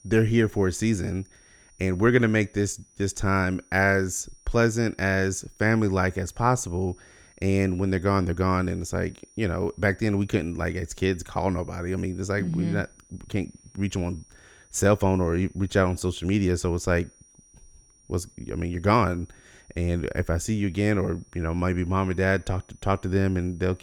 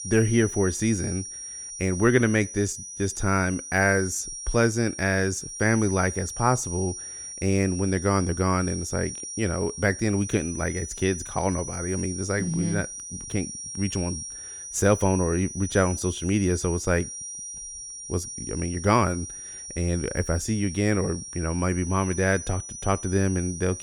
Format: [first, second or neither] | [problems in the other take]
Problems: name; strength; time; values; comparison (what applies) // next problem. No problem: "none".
first | high-pitched whine; loud; throughout; 5.5 kHz, 9 dB below the speech; faint in the first